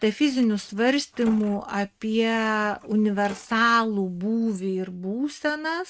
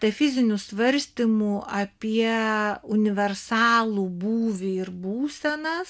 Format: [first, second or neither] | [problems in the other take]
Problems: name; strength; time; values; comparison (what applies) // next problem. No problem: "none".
second | noise reduction (neural mask model RNNoise)